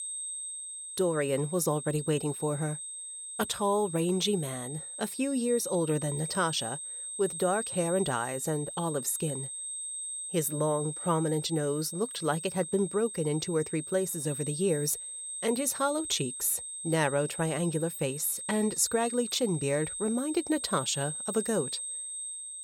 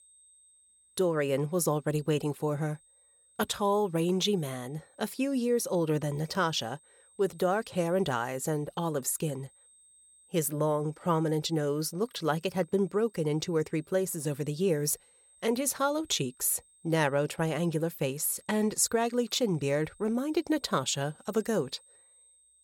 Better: second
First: high-pitched whine; loud; throughout; 8.5 kHz, 6 dB below the speech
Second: high-pitched whine; faint; throughout; 8.5 kHz, 30 dB below the speech

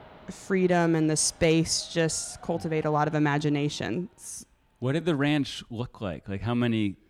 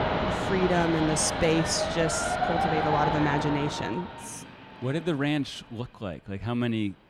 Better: first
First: train or aircraft noise; faint; throughout; 25 dB below the speech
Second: train or aircraft noise; loud; throughout; 1 dB below the speech

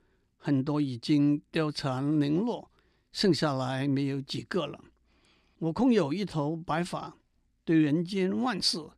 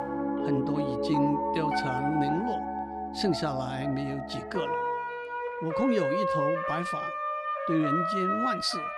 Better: first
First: none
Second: background music; very loud; throughout; 1 dB above the speech

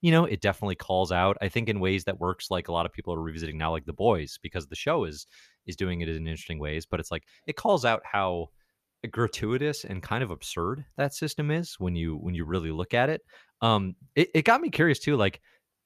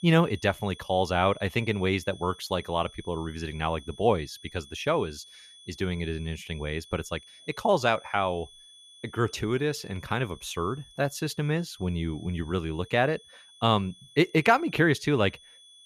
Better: first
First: none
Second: high-pitched whine; faint; throughout; 3.5 kHz, 20 dB below the speech

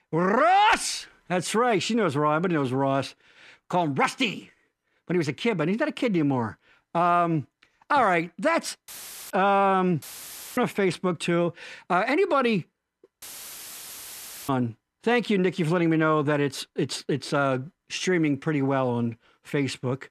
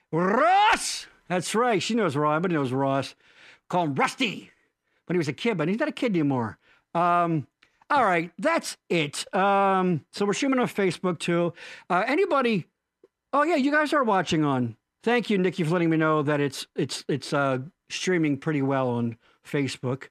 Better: second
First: audio cutting out; filled with static; at 9 s, at 10 s for 0.5 s and at 13 s for 1.5 s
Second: none

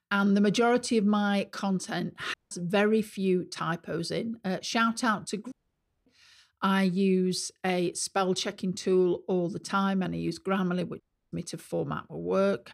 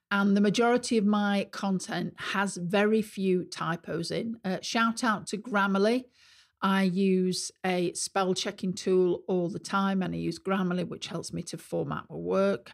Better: second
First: audio cutting out; at 2.5 s, at 5.5 s for 0.5 s and at 11 s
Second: none

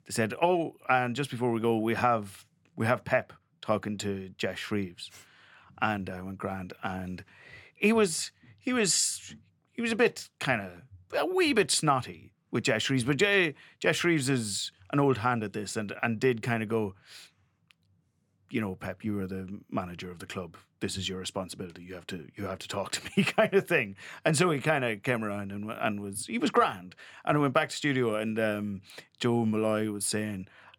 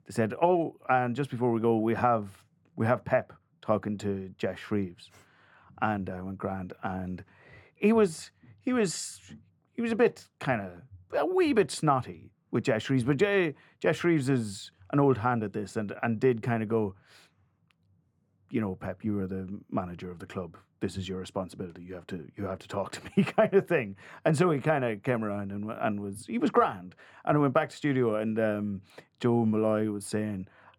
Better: first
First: none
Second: muffled; slightly; fading above 2 kHz

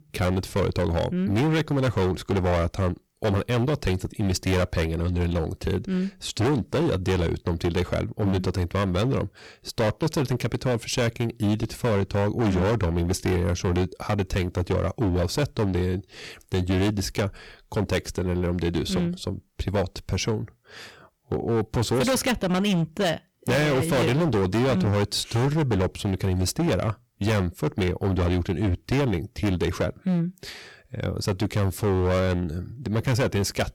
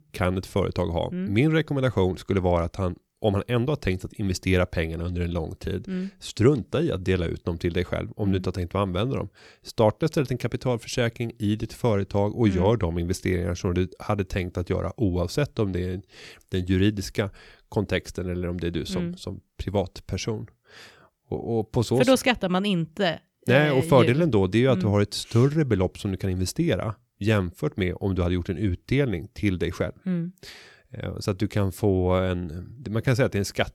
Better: second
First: distortion; heavy; 18% of the sound clipped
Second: none

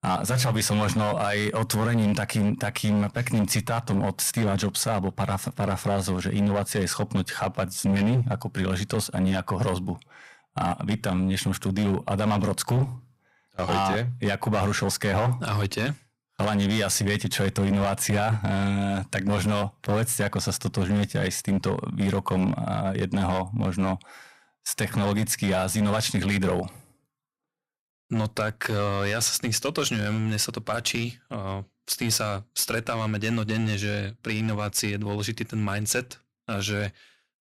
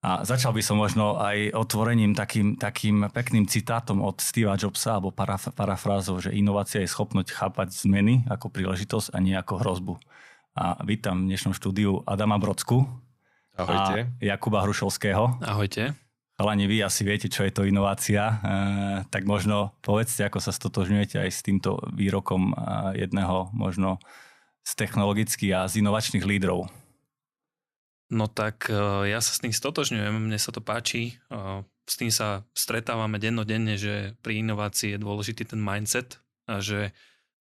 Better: second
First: distortion; slight; 9% of the sound clipped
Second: none

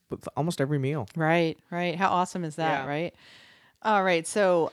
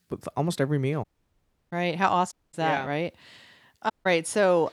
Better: first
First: none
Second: audio cutting out; at 1 s for 0.5 s, at 2.5 s and at 4 s

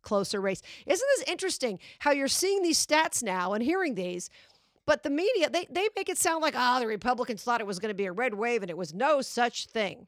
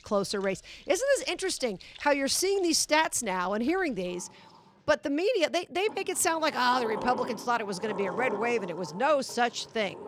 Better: first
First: none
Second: household noises; noticeable; throughout; 15 dB below the speech

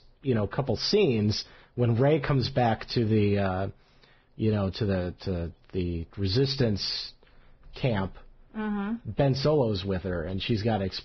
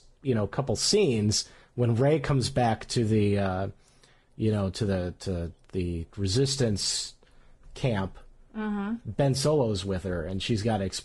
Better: second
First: garbled, watery; badly; nothing above 5.5 kHz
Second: garbled, watery; slightly; nothing above 10.5 kHz

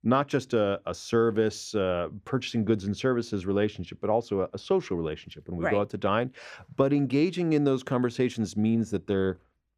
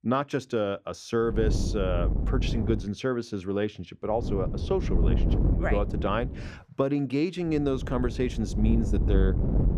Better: first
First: none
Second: wind noise on the microphone; heavy; from 1.5 to 3 s, from 4 to 6.5 s and from 7.5 s on; 9 dB below the speech

